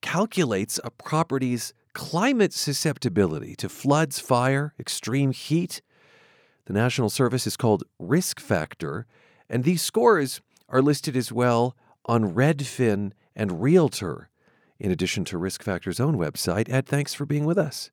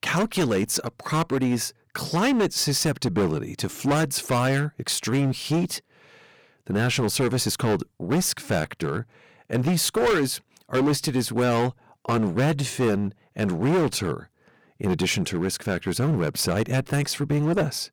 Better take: first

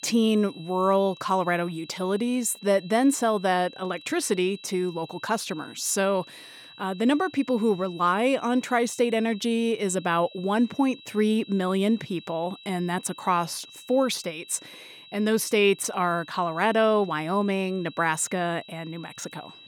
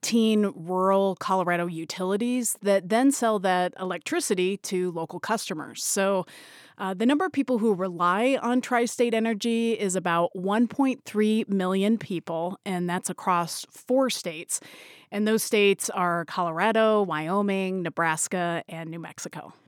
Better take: second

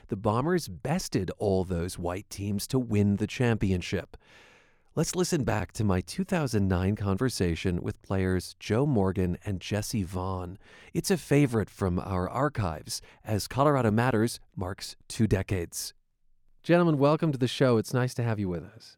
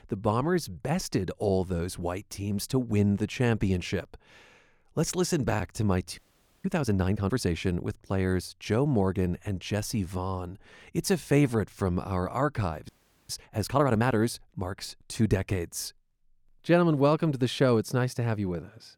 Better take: first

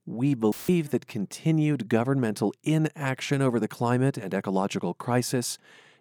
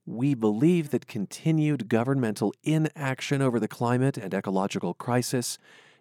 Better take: second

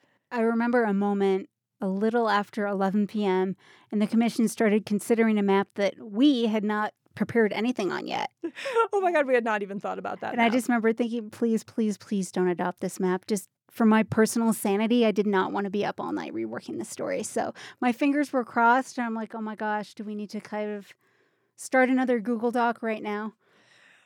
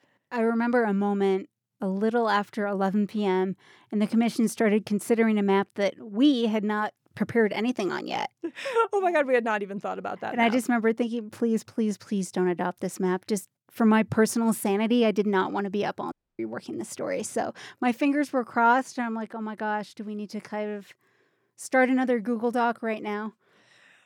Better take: first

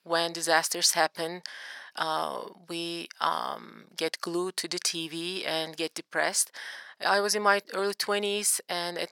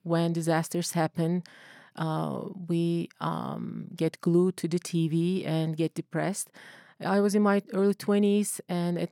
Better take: second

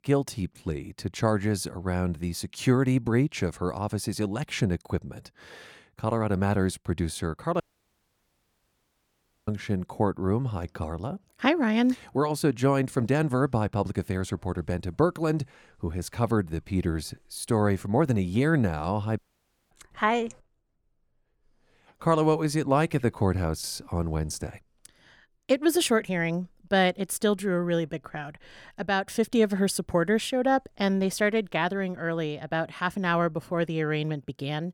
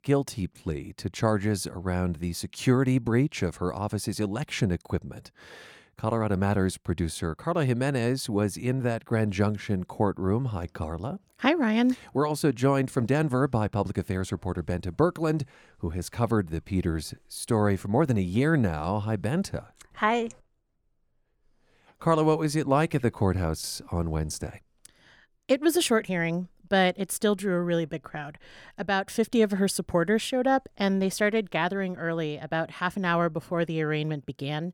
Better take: second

